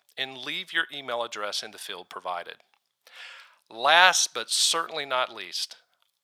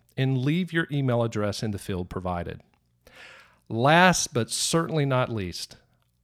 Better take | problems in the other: second | thin; very; fading below 900 Hz

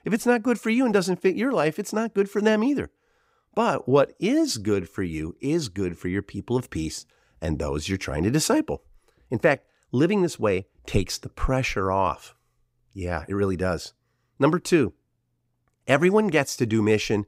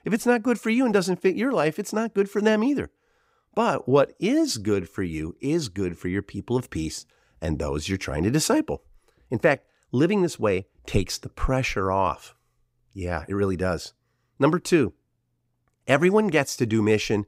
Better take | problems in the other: neither | none

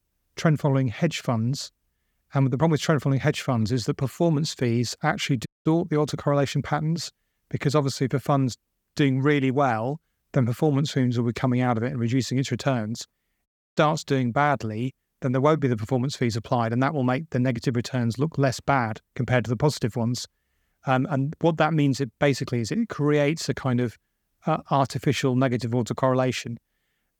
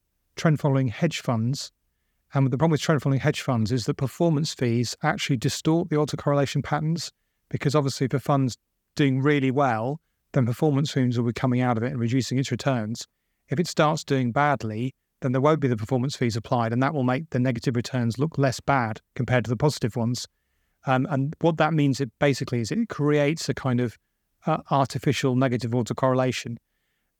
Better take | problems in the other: second | audio cutting out; at 5.5 s and at 13 s

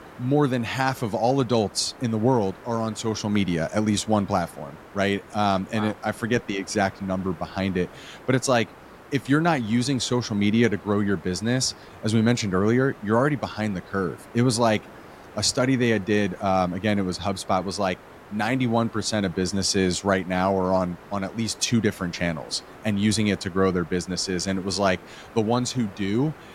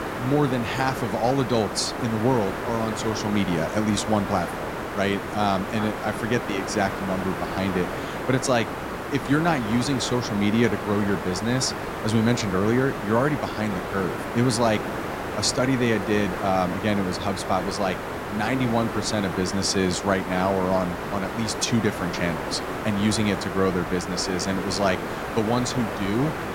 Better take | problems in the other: first | hiss; loud; throughout; 5 dB below the speech; faint in the first

